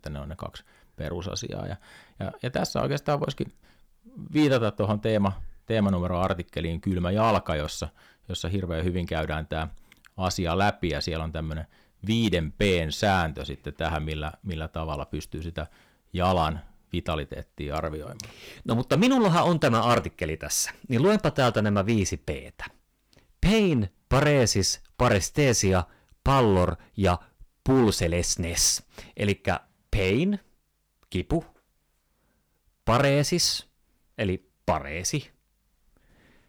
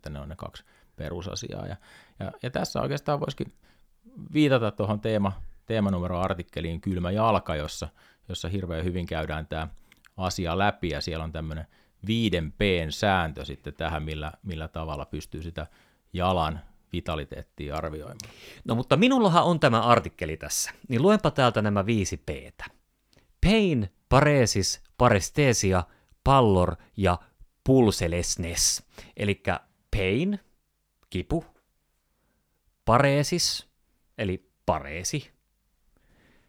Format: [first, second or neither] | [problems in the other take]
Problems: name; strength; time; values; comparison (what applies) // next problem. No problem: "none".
second | distortion; slight; 3% of the sound clipped